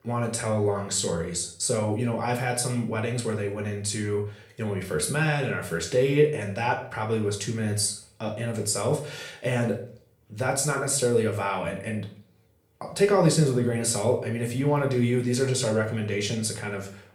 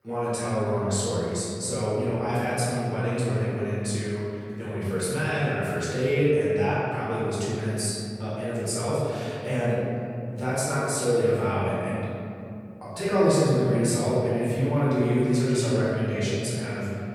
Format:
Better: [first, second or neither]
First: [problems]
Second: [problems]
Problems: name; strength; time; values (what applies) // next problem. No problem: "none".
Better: first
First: room echo; slight; dies away in 0.4 s // off-mic speech; somewhat distant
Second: room echo; strong; dies away in 2.9 s // off-mic speech; far